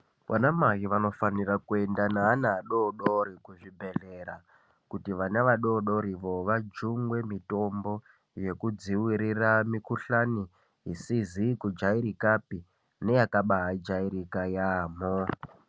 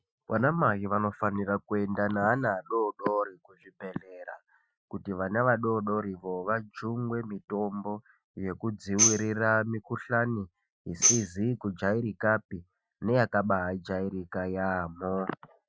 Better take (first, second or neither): first